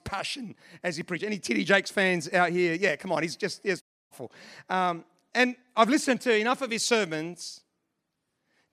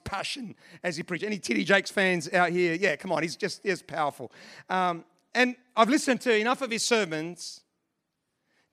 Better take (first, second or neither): second